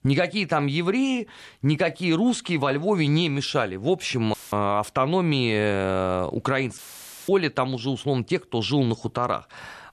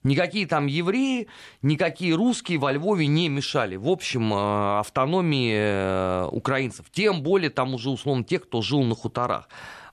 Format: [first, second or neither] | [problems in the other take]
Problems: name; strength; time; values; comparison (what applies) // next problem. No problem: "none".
second | audio cutting out; filled with static; at 4.5 s and at 7 s for 0.5 s